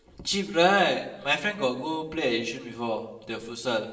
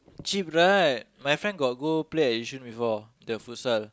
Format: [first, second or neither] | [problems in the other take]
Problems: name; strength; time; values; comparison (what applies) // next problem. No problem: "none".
second | room echo; dies away in 0.8 s